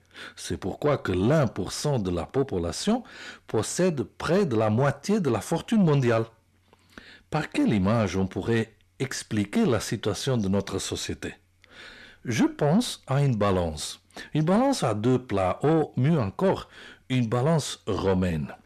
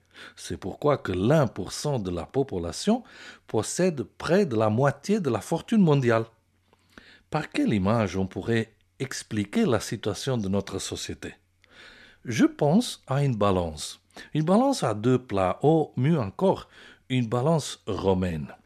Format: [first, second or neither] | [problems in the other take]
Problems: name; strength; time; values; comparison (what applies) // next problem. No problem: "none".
second | distortion; slight; 10 dB below the speech